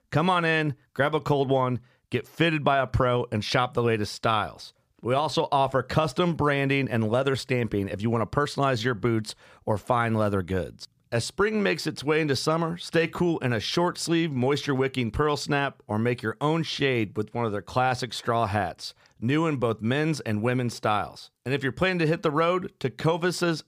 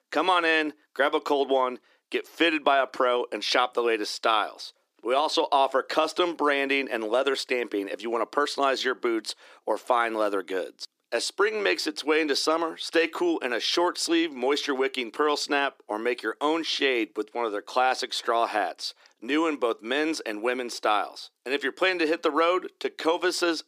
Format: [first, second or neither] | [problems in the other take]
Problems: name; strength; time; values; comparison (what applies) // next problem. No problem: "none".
first | thin; somewhat; fading below 300 Hz